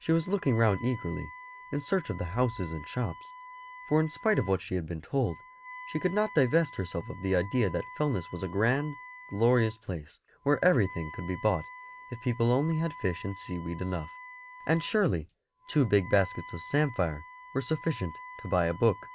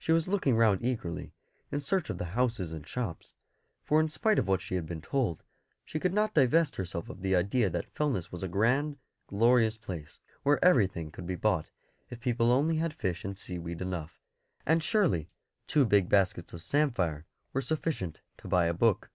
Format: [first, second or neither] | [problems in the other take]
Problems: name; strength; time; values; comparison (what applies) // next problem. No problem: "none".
second | background sound (Wind instrument, woodwind instrument); 16 dB below the speech